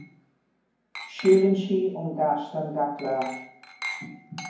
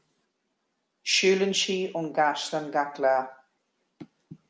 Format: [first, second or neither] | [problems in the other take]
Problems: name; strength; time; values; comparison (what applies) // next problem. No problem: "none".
second | background sound (Glass); 15 dB below the speech // room echo; dies away in 0.9 s